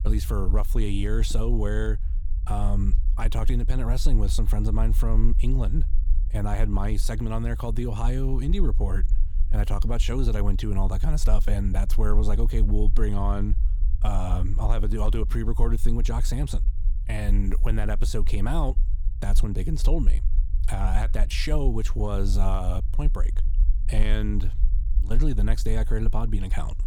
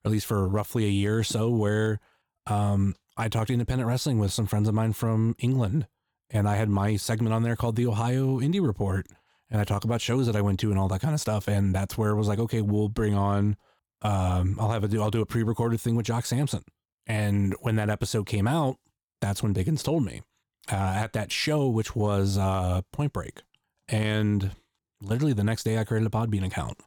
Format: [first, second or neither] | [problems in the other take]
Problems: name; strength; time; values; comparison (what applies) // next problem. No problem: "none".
second | low rumble; noticeable; throughout; 15 dB below the speech